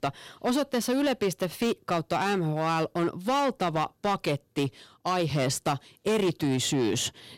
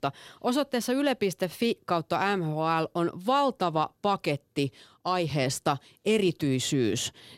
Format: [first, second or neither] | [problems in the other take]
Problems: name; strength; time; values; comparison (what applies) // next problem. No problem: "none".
second | distortion; slight; 10% of the sound clipped